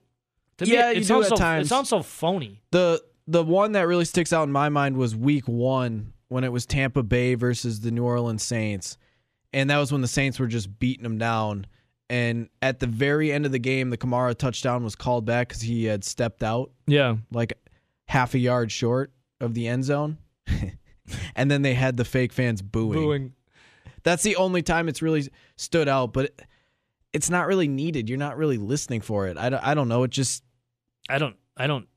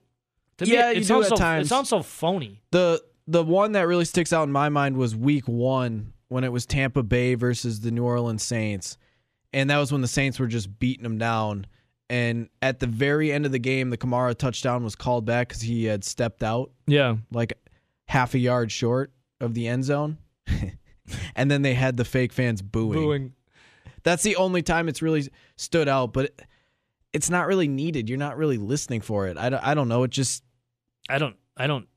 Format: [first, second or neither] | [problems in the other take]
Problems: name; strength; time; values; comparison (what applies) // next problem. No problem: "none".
neither | none